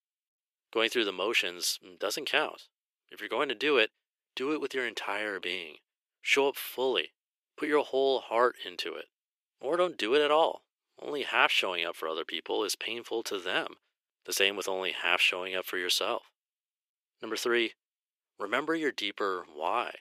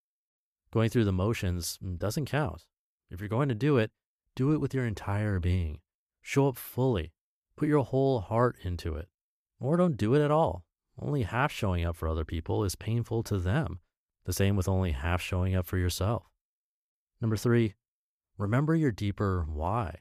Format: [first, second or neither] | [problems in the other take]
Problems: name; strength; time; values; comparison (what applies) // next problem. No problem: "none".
second | thin; very; fading below 350 Hz